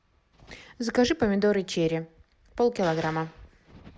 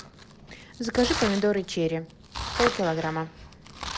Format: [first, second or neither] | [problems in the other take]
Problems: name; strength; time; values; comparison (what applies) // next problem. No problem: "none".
first | background sound (Domestic sounds, home sounds); 7 dB below the speech